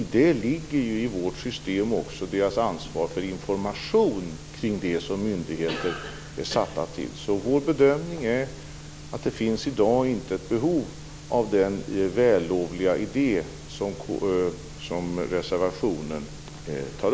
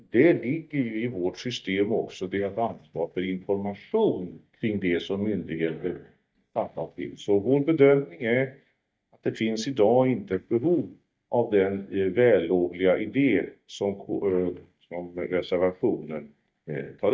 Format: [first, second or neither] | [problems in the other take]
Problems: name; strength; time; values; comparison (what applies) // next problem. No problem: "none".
first | noise reduction (neural mask model DeepFilterNet 3)